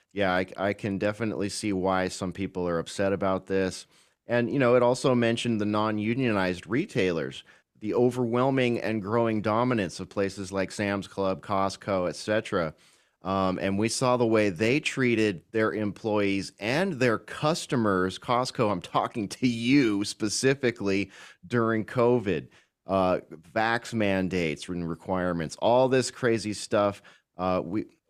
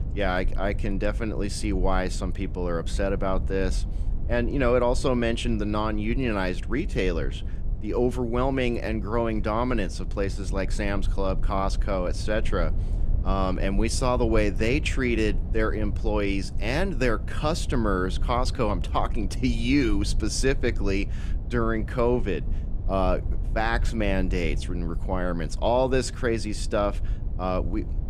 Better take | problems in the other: first | low rumble; noticeable; throughout; 20 dB below the speech

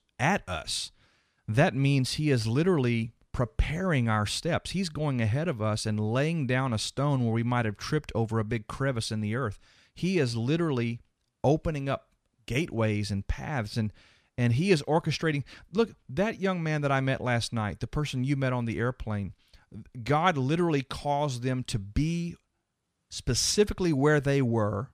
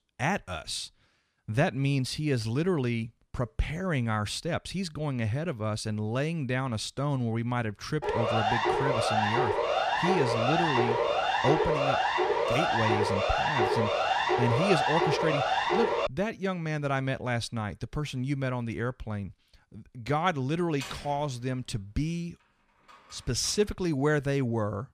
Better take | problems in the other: first | siren; loud; from 8 to 16 s; peak 5 dB above the speech // door banging; noticeable; from 21 to 24 s; peak 10 dB below the speech

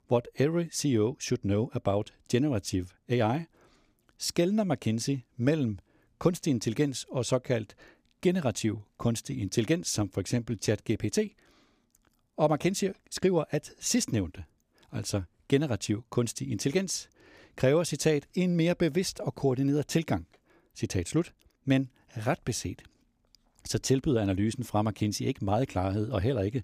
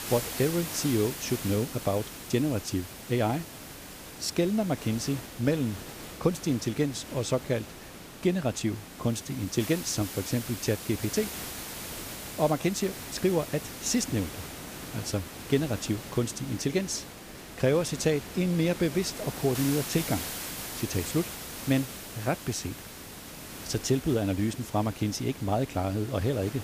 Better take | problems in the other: first | hiss; loud; throughout; 9 dB below the speech

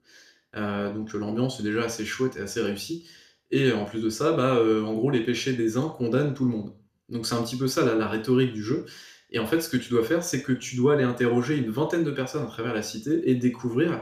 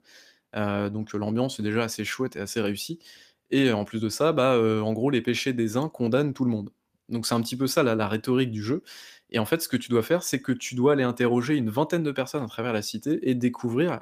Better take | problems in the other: second | room echo; slight; dies away in 0.4 s // off-mic speech; somewhat distant

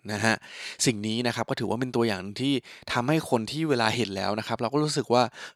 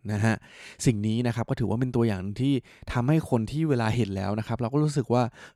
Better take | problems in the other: second | thin; somewhat; fading below 550 Hz

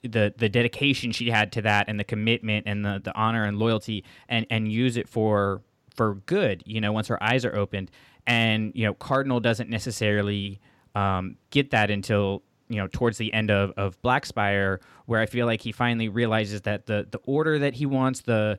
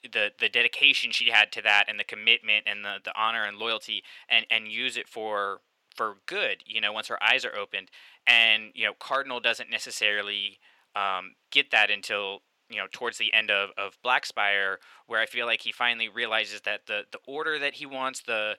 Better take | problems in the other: first | thin; very; fading below 700 Hz

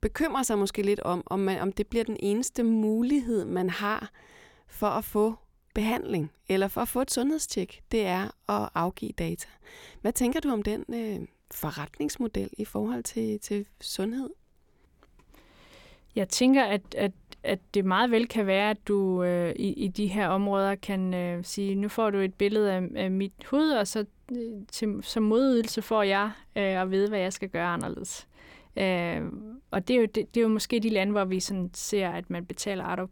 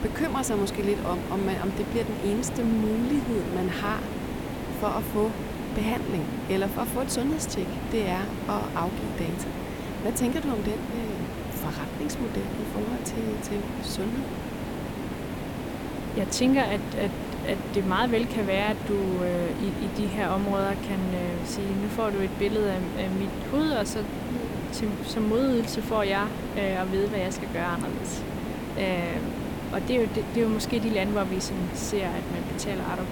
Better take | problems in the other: first | hiss; loud; throughout; 4 dB below the speech

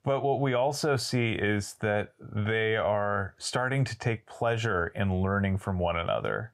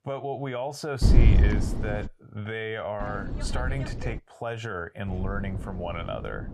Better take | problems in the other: first | wind noise on the microphone; heavy; from 1 to 2 s, from 3 to 4 s and from 5 s on; 6 dB below the speech

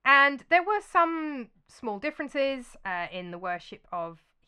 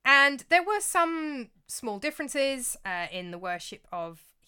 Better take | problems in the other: second | muffled; slightly; fading above 2.5 kHz

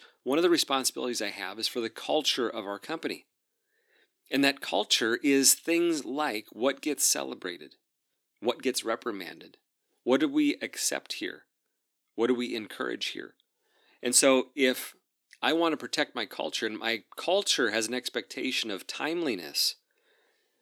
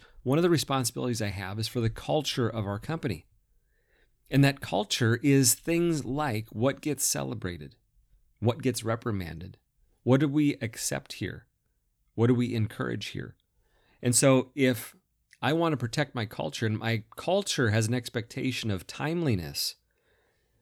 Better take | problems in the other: second | thin; very slightly; fading below 300 Hz

